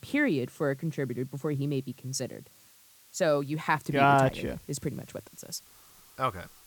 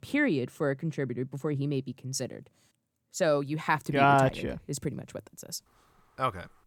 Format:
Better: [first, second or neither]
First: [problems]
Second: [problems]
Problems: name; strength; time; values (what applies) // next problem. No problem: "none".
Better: second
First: hiss; faint; throughout; 25 dB below the speech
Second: none